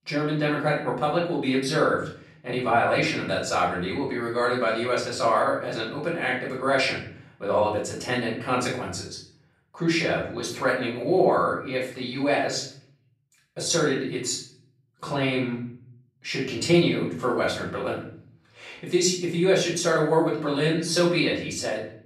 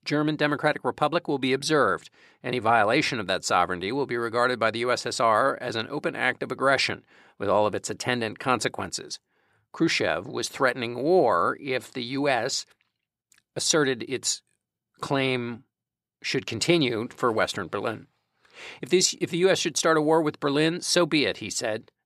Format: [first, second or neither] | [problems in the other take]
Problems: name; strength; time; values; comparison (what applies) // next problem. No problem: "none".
second | off-mic speech; far // room echo; noticeable; dies away in 0.6 s